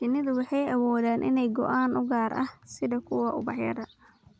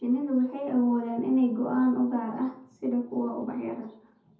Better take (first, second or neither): first